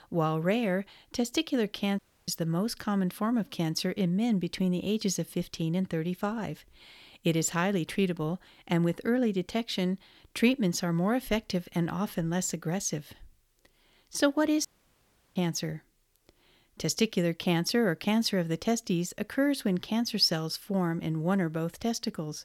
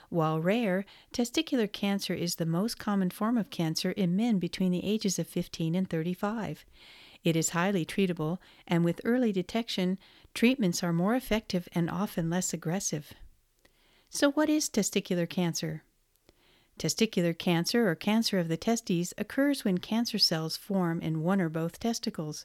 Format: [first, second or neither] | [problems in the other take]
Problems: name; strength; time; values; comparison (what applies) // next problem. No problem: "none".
second | audio cutting out; at 2 s and at 15 s for 0.5 s